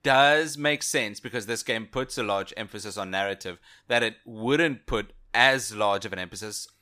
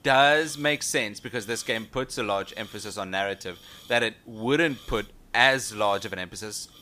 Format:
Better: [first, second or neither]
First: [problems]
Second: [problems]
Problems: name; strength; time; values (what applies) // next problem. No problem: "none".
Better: first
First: none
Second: hiss; faint; throughout; 25 dB below the speech